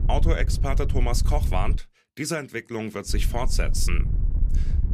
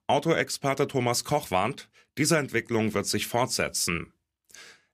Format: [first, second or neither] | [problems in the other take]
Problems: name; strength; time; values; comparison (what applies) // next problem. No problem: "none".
second | wind noise on the microphone; occasional gusts; until 2 s and from 3 s on; 15 dB below the speech